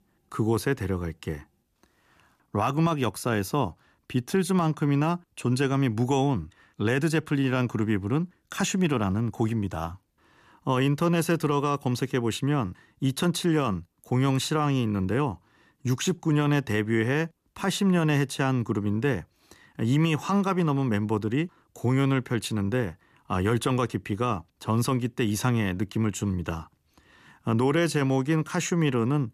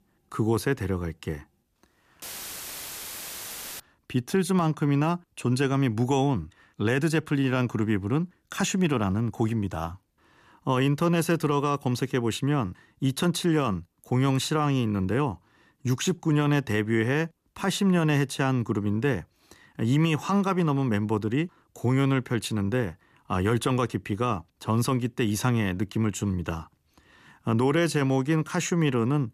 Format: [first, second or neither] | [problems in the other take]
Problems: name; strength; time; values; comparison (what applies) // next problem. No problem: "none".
first | audio cutting out; filled with static; at 2 s for 1.5 s